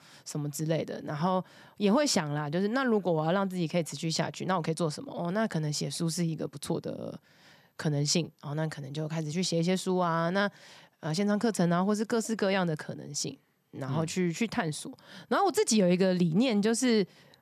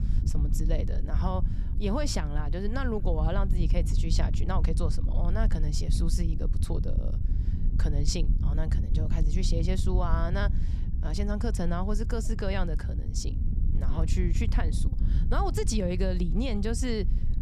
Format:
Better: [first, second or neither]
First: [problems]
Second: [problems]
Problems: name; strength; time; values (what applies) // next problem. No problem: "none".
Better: first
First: none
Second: wind noise on the microphone; heavy; 10 dB below the speech